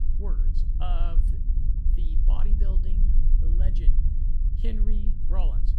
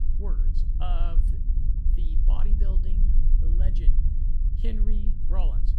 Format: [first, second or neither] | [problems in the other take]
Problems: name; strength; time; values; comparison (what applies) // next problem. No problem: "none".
neither | low rumble; loud; throughout; 4 dB below the speech; the same in both